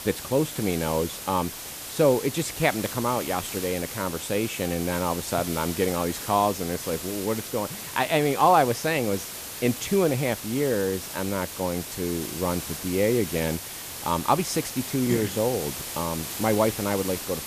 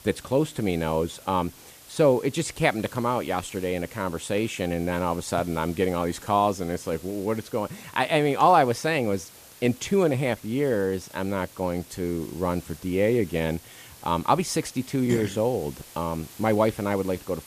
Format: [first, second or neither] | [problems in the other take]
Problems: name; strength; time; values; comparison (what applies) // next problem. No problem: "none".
second | hiss; loud; throughout; 7 dB below the speech; faint in the second